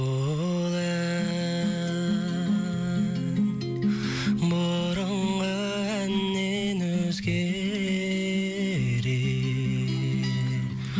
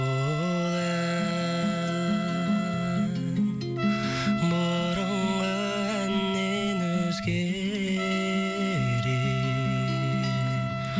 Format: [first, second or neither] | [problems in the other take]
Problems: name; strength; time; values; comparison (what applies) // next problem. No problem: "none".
first | background sound (Trumpet); 8 dB below the speech